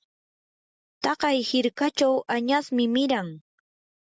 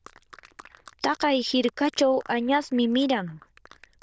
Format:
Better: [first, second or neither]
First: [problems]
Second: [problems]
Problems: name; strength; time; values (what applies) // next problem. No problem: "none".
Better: first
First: none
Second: noise reduction (neural diffusion model UNIVERSE++)